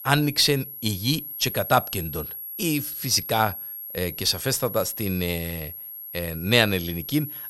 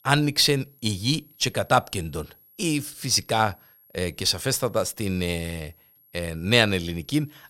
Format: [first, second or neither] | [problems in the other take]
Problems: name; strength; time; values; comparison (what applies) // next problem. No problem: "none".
second | high-pitched whine; loud; throughout; 11.5 kHz, 9 dB below the speech; faint in the second